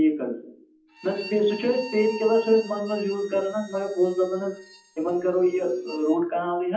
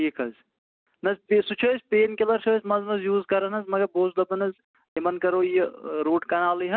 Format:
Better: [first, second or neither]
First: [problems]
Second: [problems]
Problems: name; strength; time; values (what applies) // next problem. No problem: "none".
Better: second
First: noise reduction (classical method WPE with log-MMSE)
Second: none